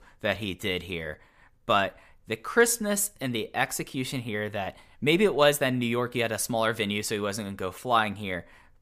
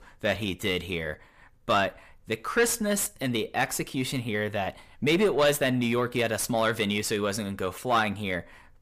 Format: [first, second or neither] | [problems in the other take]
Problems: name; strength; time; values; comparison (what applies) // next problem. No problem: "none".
first | distortion; slight; 10 dB below the speech